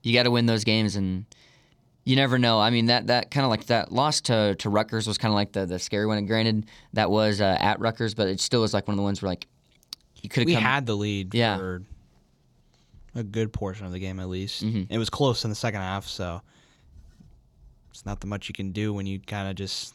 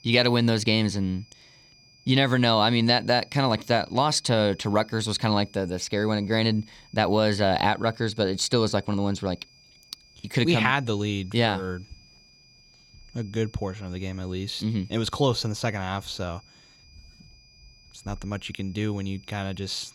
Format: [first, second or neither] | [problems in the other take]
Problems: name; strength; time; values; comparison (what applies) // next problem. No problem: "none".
first | high-pitched whine; faint; throughout; 5 kHz, 30 dB below the speech